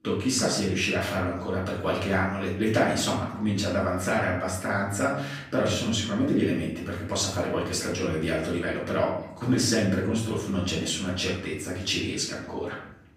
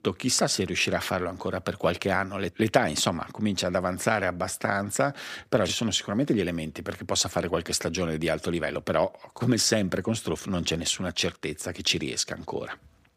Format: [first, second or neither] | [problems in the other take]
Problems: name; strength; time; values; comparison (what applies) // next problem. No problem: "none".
second | off-mic speech; far // room echo; noticeable; dies away in 0.7 s